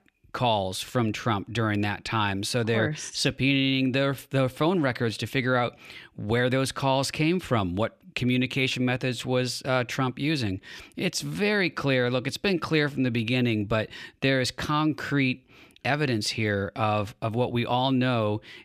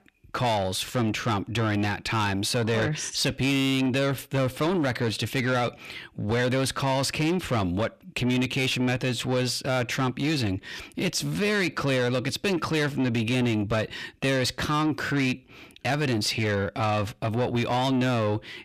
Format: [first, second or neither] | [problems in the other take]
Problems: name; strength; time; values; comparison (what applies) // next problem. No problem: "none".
first | distortion; slight; 10 dB below the speech